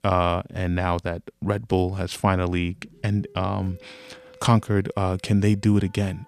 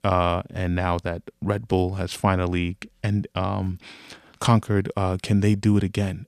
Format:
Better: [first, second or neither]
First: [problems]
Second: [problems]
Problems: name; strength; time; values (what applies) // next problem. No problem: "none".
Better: second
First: background music; faint; from 2.5 s on; 25 dB below the speech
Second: none